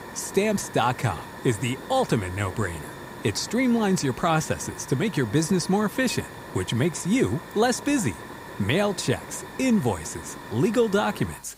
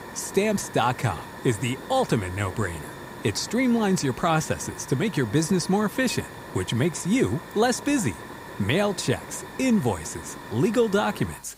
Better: neither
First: hiss; noticeable; throughout; 15 dB below the speech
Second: hiss; noticeable; throughout; 15 dB below the speech

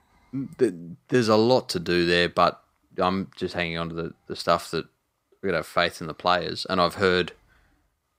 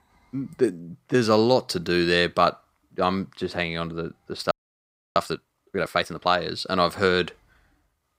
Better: first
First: none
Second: audio freezing; at 4.5 s for 0.5 s

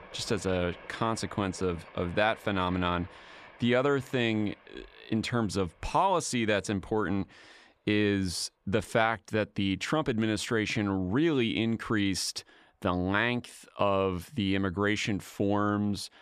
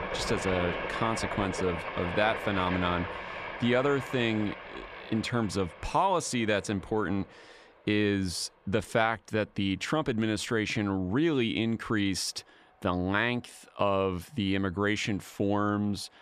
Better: first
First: train or aircraft noise; faint; throughout; 20 dB below the speech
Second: train or aircraft noise; loud; throughout; 7 dB below the speech

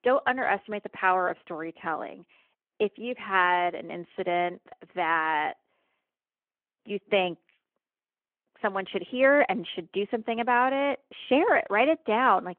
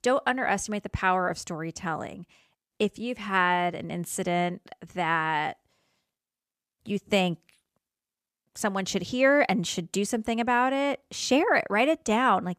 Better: second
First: phone-call audio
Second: none

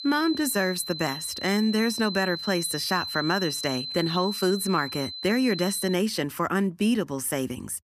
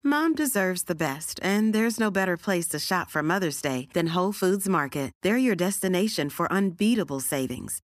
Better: second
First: high-pitched whine; loud; until 6 s; 4 kHz, 7 dB below the speech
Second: none

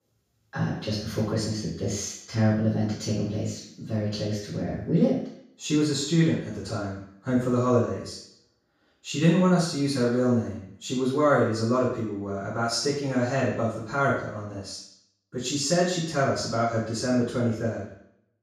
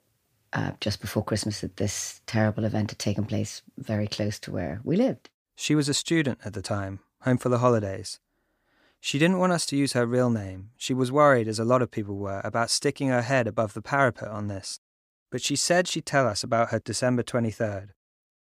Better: second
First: room echo; noticeable; dies away in 0.6 s // off-mic speech; far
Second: none

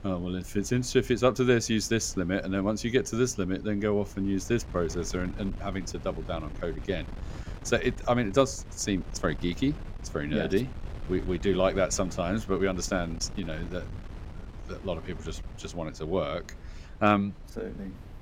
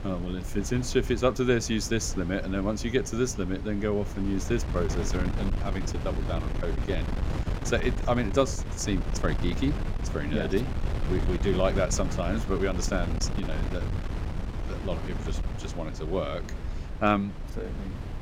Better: first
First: wind noise on the microphone; occasional gusts; 20 dB below the speech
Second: wind noise on the microphone; heavy; 10 dB below the speech

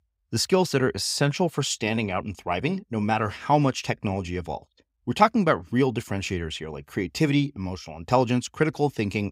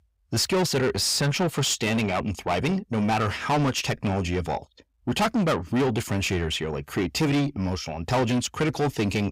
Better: first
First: none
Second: distortion; heavy; 6 dB below the speech

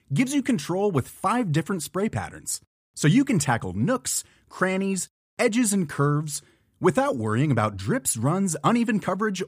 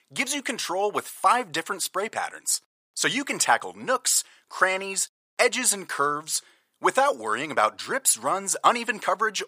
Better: first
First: none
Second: thin; very; fading below 700 Hz

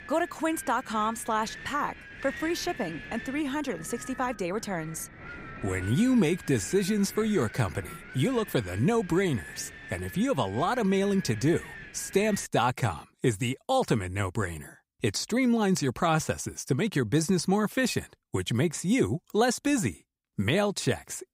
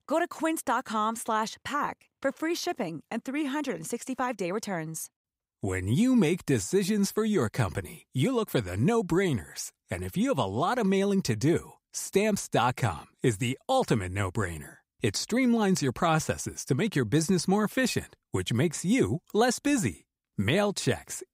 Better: second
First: wind noise on the microphone; occasional gusts; until 12 s; 10 dB below the speech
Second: none

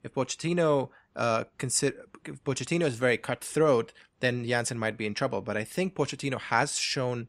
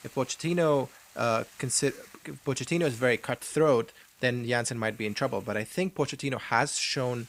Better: first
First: none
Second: hiss; faint; throughout; 25 dB below the speech

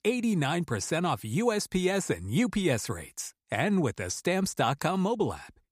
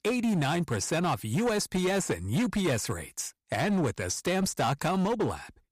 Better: first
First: none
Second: distortion; slight; 15% of the sound clipped

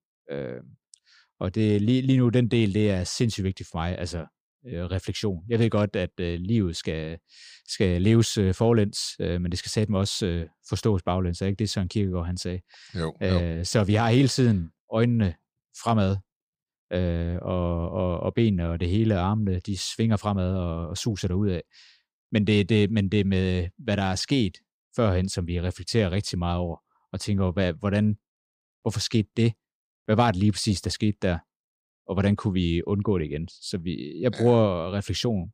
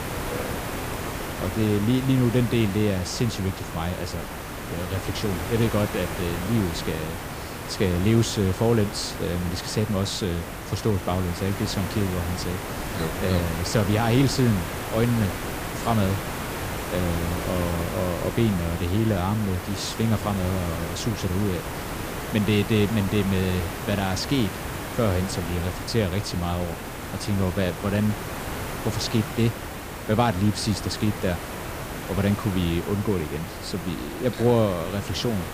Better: first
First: none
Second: hiss; loud; throughout; 7 dB below the speech

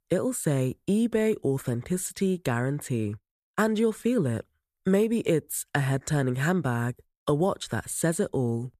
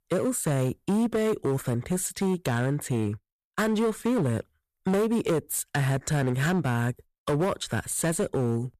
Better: first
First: none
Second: distortion; slight; 15% of the sound clipped

